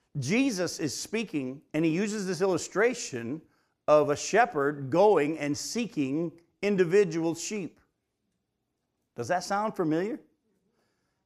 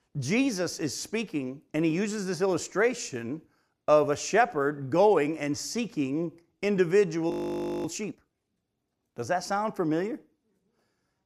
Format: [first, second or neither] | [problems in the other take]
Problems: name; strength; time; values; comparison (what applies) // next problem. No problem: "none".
first | audio freezing; at 7.5 s for 0.5 s